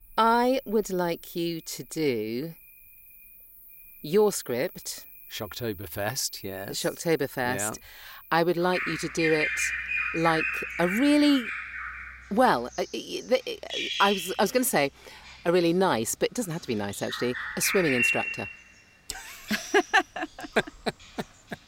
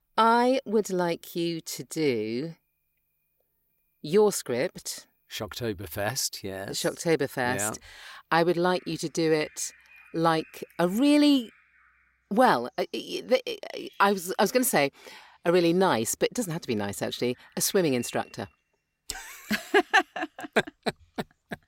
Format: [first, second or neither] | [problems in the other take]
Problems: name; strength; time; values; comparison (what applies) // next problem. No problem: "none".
second | animal sounds; loud; throughout; 4 dB below the speech; faint in the second